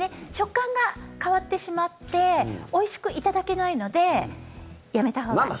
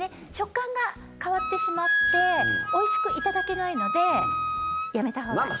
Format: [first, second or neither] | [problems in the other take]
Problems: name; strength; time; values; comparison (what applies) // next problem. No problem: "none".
first | background sound (Wind instrument, woodwind instrument); as loud as the speech